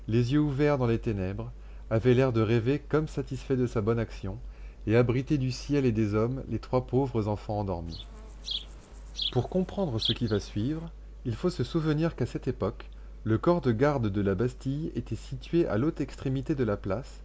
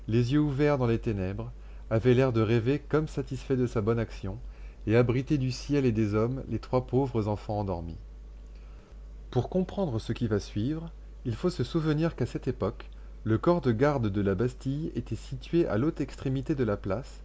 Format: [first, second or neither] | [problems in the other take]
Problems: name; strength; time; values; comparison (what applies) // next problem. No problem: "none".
second | background sound (Insect); 10 dB below the speech